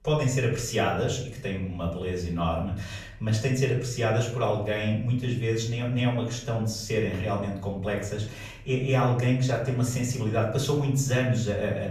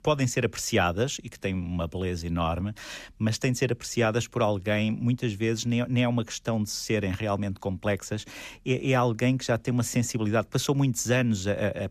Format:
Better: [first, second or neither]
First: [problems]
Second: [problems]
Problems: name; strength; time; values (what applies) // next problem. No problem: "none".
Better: second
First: room echo; slight; dies away in 0.6 s // off-mic speech; far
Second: none